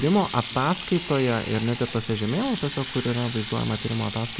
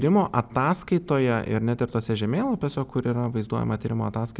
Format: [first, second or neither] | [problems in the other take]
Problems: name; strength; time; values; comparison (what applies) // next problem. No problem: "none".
second | background sound (Sink (filling or washing) / Water tap, faucet); 11 dB below the speech